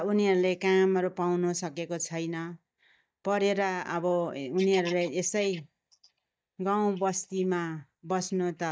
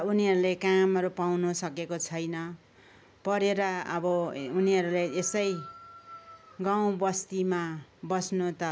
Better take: second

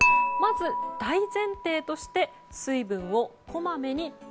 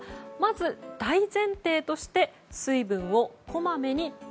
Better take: second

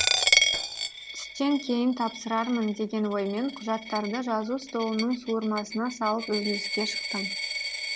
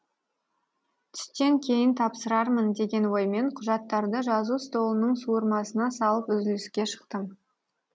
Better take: second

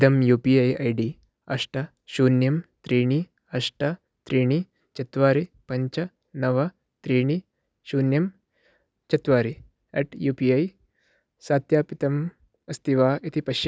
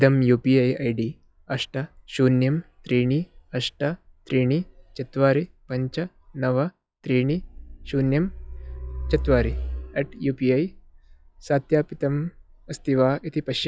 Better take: first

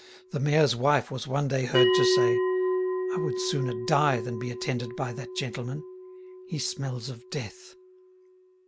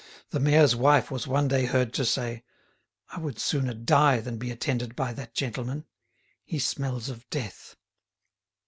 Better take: second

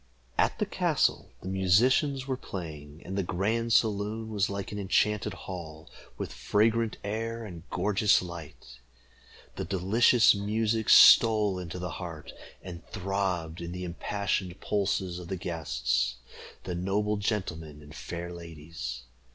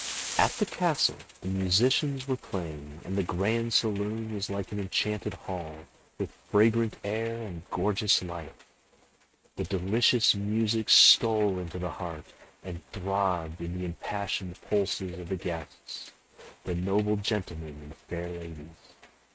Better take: first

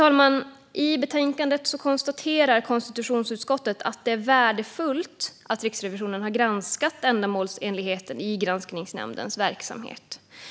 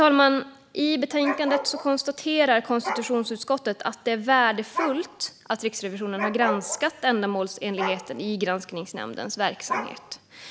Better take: first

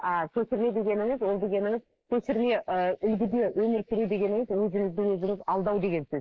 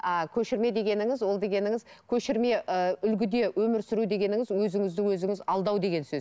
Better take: second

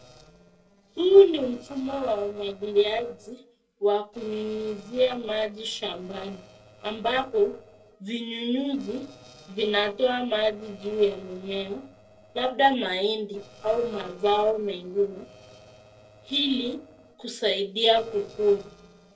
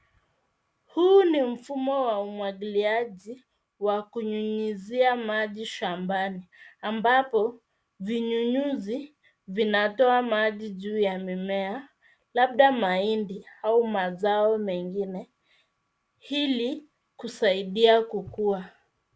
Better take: second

